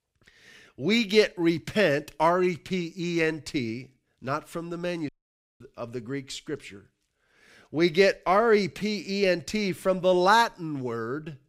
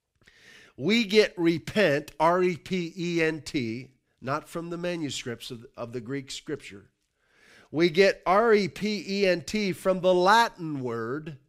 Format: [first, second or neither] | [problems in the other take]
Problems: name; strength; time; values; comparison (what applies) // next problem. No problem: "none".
second | audio cutting out; at 5 s for 0.5 s